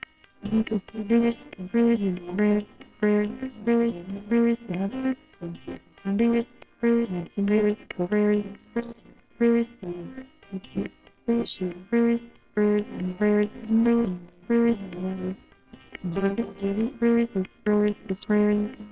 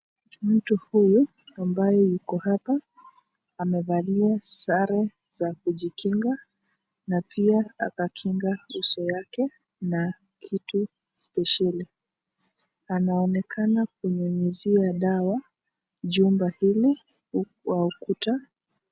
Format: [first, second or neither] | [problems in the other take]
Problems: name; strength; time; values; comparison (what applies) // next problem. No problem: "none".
second | noise reduction (neural separator model SepFormer WHAMR!)